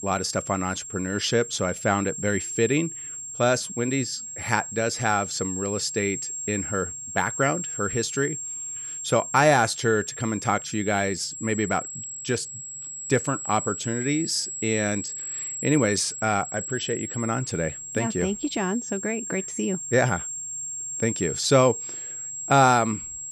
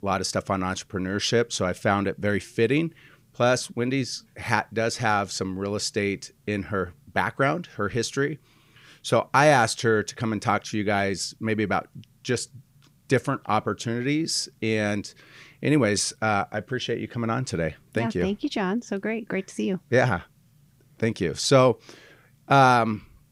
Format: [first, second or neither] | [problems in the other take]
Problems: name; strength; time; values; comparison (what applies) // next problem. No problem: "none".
second | high-pitched whine; loud; throughout; 7.5 kHz, 6 dB below the speech